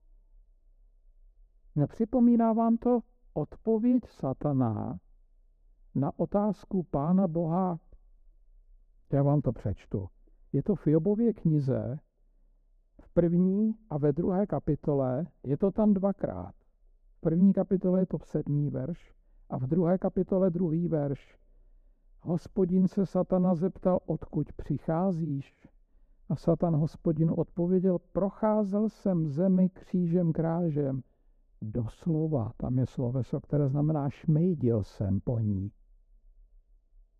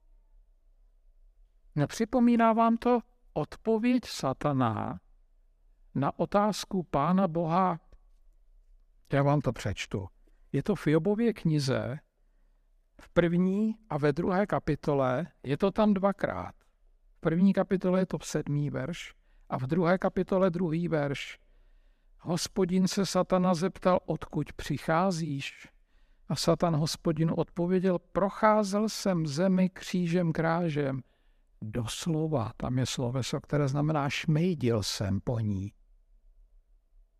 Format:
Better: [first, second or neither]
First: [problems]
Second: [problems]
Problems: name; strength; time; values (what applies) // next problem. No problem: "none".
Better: second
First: muffled; very; fading above 1 kHz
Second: none